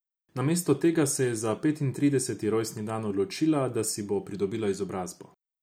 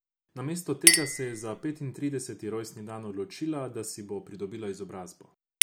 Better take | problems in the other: first | background sound (Chink, clink); 4 dB above the speech

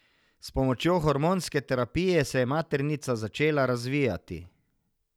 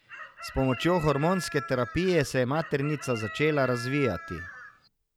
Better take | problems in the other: first | background sound (Chicken, rooster); 13 dB below the speech

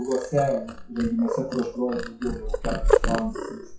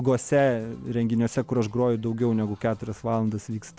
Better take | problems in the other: second | noise reduction (classical method WPE with log-MMSE)

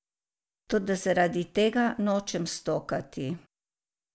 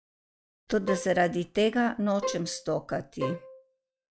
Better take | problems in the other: first | noise reduction (classical method log-MMSE)

